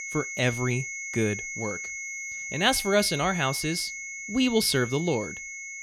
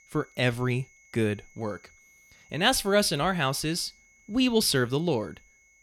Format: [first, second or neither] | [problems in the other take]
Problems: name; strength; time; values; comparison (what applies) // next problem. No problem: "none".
second | high-pitched whine; loud; throughout; 2 kHz, 7 dB below the speech; faint in the second